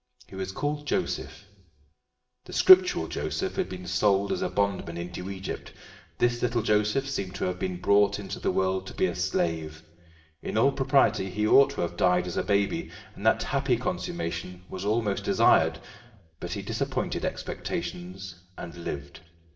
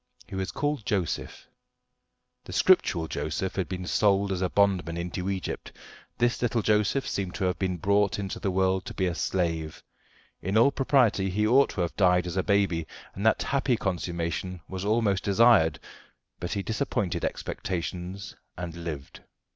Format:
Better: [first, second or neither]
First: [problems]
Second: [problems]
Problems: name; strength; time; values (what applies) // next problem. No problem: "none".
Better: second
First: room echo; dies away in 1.4 s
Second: none